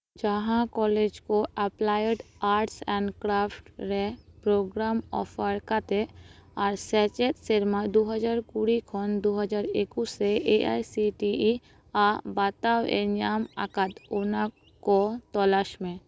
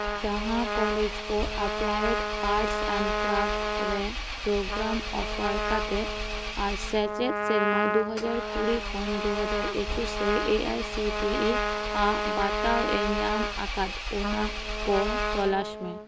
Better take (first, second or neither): first